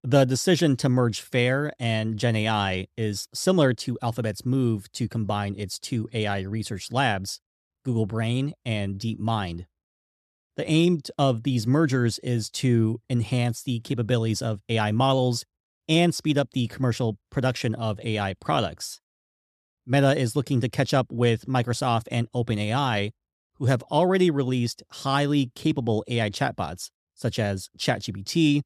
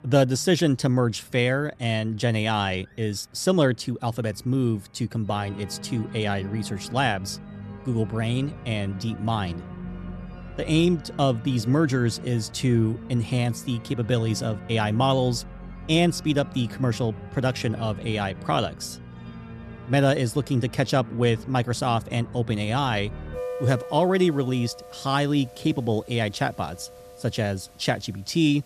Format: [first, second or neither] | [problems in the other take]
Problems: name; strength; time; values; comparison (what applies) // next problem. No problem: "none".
first | background music; noticeable; throughout; 15 dB below the speech